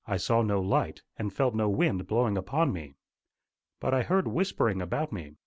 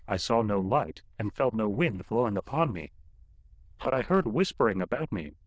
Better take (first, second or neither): first